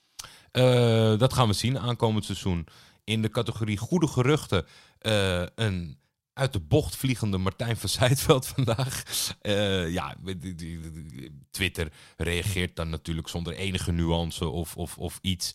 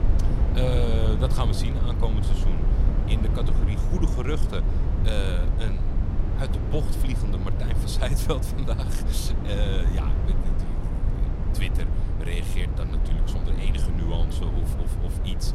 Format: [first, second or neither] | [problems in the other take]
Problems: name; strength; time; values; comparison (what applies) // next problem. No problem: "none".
first | low rumble; loud; throughout; 3 dB below the speech